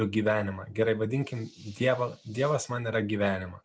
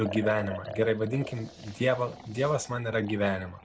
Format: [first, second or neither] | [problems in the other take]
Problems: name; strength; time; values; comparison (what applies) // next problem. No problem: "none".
first | background sound (Liquid); 14 dB below the speech